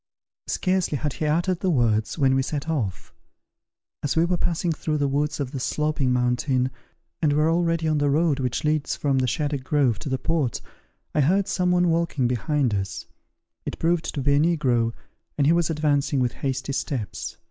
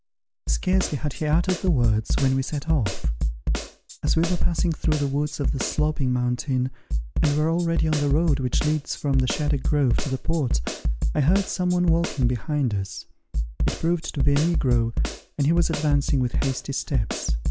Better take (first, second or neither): first